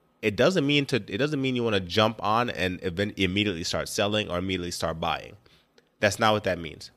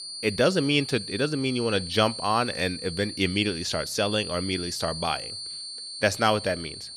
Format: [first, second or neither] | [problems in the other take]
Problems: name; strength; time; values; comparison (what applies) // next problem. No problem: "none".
first | high-pitched whine; loud; throughout; 4.5 kHz, 8 dB below the speech